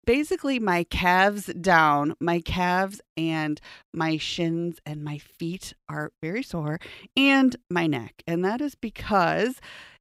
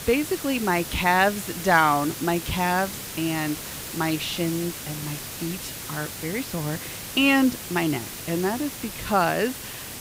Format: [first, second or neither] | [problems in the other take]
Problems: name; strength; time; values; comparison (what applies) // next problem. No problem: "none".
first | hiss; loud; throughout; 9 dB below the speech